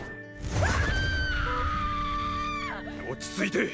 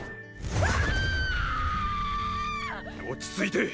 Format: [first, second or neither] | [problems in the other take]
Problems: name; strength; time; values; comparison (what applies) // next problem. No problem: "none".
second | background sound (Vehicle horn, car horn, honking + Wind instrument, woodwind instrument); 14 dB below the speech